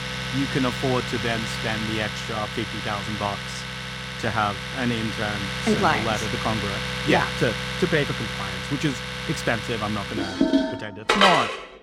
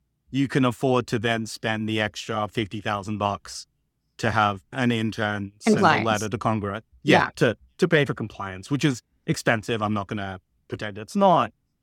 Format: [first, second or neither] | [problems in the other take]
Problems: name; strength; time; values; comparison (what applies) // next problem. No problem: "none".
second | household noises; loud; throughout; as loud as the speech